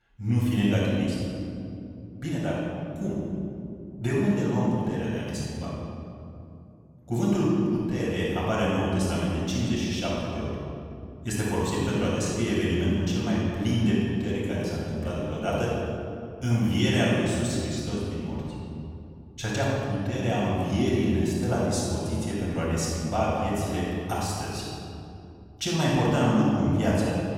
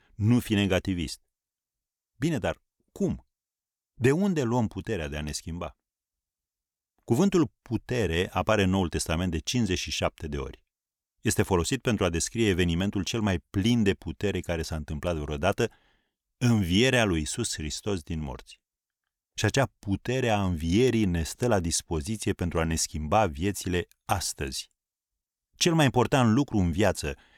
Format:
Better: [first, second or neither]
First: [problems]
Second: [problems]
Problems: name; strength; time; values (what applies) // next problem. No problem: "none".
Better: second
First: off-mic speech; far // room echo; strong; dies away in 2.6 s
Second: none